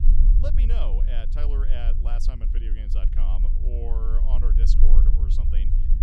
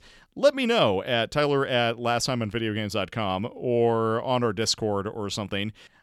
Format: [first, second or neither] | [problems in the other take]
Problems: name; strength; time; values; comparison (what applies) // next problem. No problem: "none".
second | low rumble; loud; throughout; 4 dB below the speech